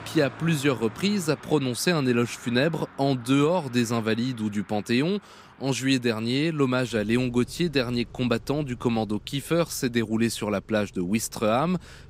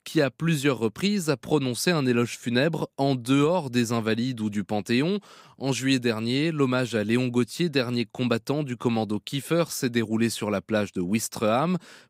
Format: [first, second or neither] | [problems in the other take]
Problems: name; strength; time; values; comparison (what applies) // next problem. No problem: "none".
second | traffic noise; faint; throughout; 20 dB below the speech